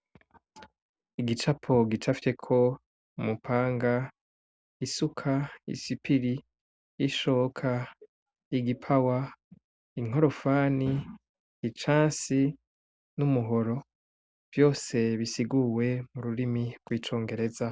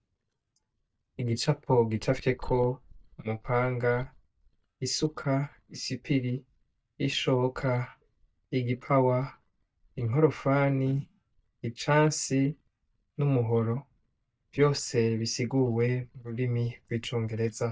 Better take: first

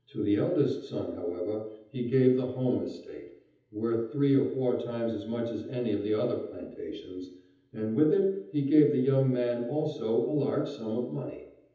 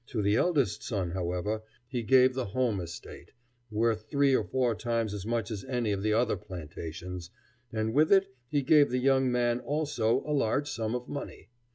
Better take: second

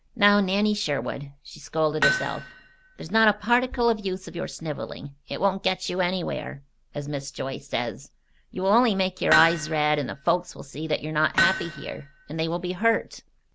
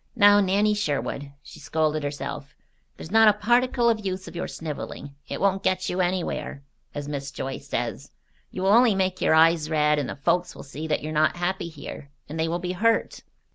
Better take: second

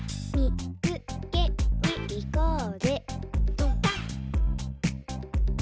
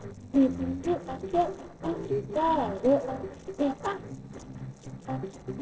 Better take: first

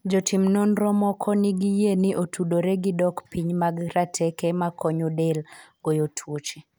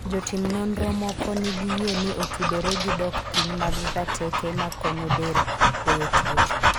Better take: first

